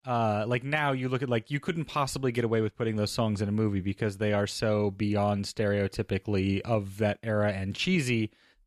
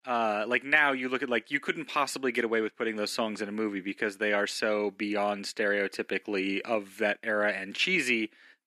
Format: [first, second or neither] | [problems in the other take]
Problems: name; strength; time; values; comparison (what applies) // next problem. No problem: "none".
first | thin; somewhat; fading below 250 Hz